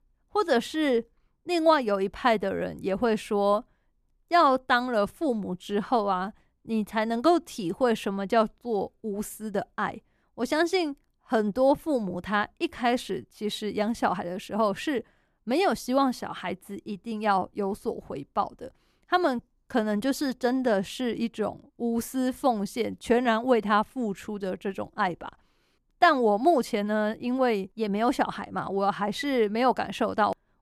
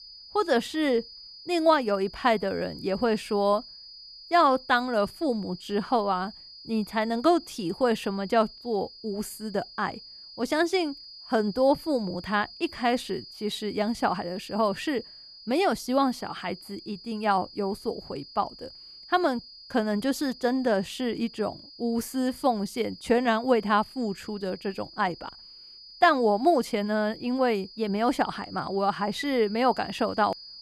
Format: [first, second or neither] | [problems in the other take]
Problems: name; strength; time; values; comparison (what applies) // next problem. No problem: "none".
first | high-pitched whine; noticeable; throughout; 5 kHz, 15 dB below the speech